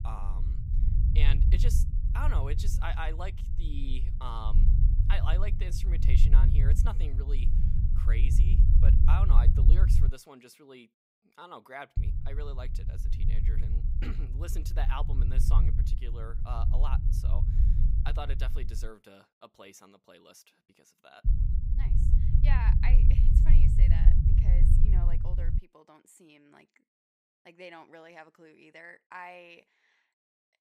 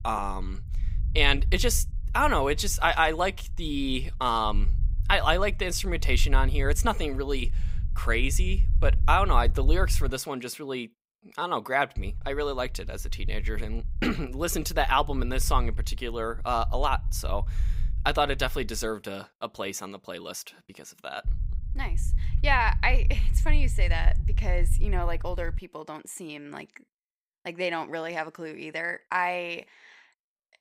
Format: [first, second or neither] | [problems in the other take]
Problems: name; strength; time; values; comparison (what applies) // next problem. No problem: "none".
second | low rumble; loud; until 10 s, from 12 to 19 s and from 21 to 26 s; 3 dB below the speech; faint in the second